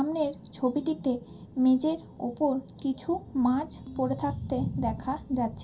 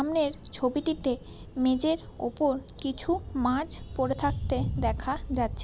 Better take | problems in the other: second | background sound (Ringtone); 18 dB below the speech // room echo; dies away in 0.3 s

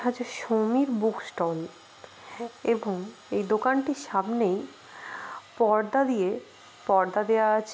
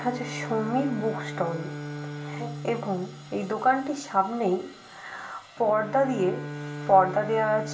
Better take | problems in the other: first | background sound (Bowed string instrument); 10 dB below the speech // room echo; dies away in 0.4 s

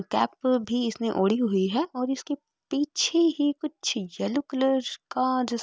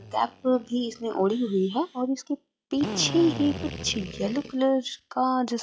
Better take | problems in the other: first | noise reduction (classical method log-MMSE)

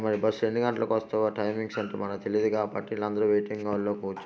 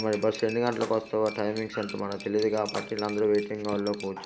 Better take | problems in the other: first | background sound (Splash, splatter + Cutlery, silverware); 15 dB below the speech

